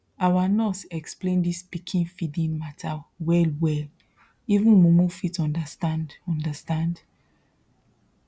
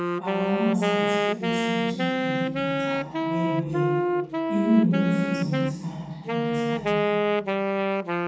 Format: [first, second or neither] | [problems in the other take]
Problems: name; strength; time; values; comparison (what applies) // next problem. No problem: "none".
first | background sound (Wind instrument, woodwind instrument); 3 dB above the speech // room echo; dies away in 2.1 s